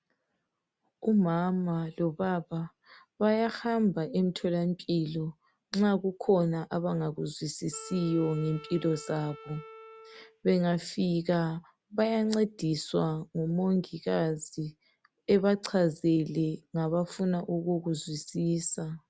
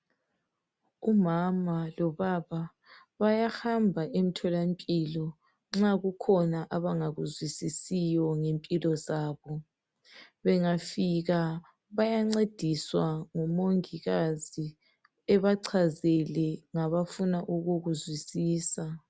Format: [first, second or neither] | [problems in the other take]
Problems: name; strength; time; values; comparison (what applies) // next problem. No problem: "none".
second | background sound (Wind instrument, woodwind instrument); 19 dB below the speech